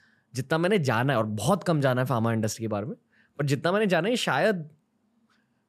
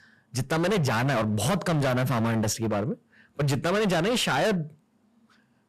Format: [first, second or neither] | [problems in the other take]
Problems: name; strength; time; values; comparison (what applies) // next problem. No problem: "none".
first | distortion; heavy; 24% of the sound clipped